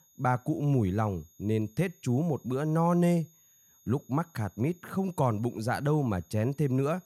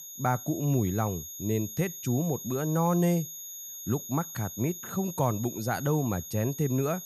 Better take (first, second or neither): first